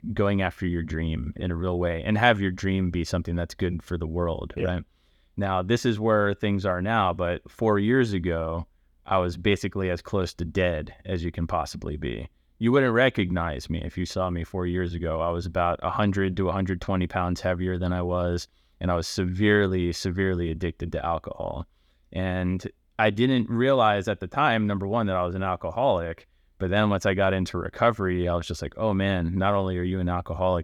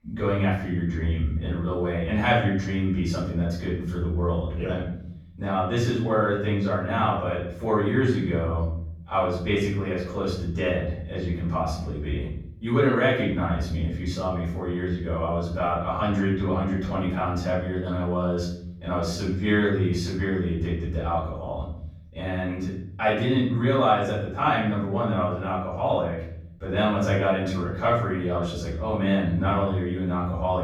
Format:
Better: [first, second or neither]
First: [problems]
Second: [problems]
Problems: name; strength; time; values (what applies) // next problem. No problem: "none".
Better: first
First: none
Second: off-mic speech; far // room echo; noticeable; dies away in 0.9 s